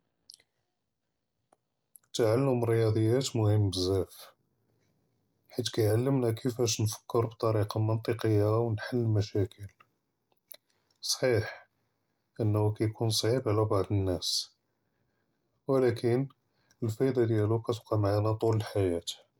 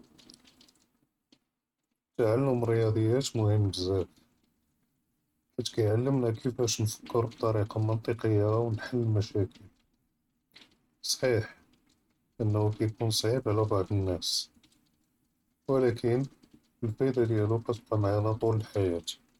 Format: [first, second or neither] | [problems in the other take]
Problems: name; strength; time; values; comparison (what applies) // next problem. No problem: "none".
first | noise reduction (neural mask model RNNoise)